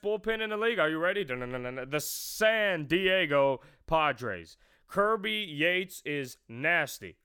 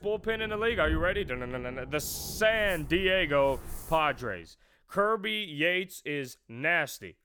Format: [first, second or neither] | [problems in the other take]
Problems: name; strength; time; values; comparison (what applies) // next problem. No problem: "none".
first | rain or running water; noticeable; until 4 s; 15 dB below the speech